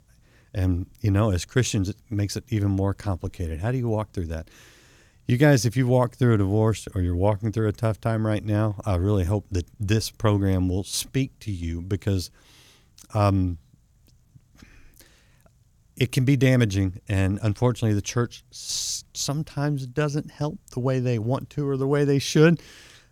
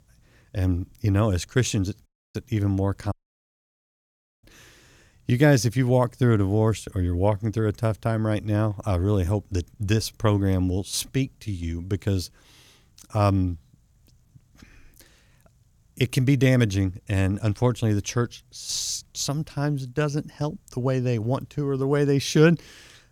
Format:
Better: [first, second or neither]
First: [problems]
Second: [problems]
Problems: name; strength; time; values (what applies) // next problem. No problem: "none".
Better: first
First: none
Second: audio cutting out; at 2 s and at 3 s for 1.5 s